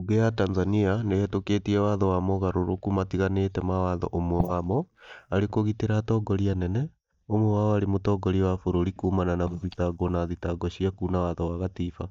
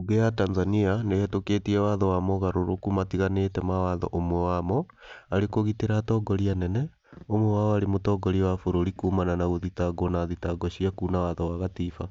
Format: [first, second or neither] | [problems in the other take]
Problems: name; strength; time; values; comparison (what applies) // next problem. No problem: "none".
second | noise reduction (neural mask model DeepFilterNet 3)